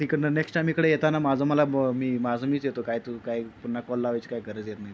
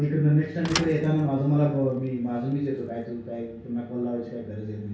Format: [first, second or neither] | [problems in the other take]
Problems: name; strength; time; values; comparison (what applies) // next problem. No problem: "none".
first | background sound (Thump, thud); 13 dB below the speech // room echo; dies away in 0.6 s